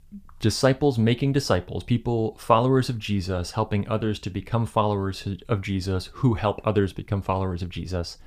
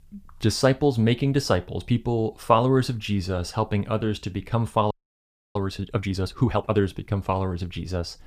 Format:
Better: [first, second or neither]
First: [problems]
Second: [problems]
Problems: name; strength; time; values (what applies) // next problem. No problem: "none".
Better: first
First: none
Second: audio freezing; at 5 s for 0.5 s